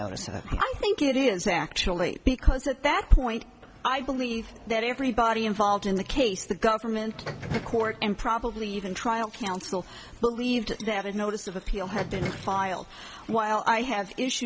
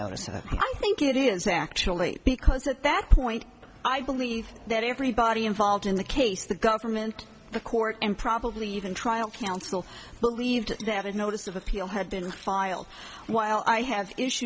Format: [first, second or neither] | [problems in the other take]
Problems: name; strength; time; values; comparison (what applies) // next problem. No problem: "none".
second | background sound (Subway, metro, underground); 11 dB below the speech